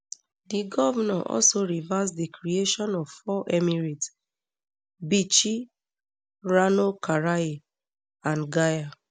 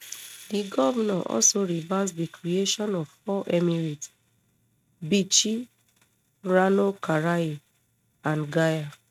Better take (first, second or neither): first